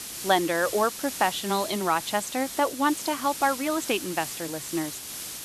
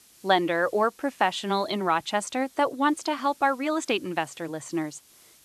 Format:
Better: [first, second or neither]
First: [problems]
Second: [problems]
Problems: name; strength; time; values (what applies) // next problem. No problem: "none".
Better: second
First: hiss; loud; throughout; 8 dB below the speech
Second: hiss; faint; throughout; 25 dB below the speech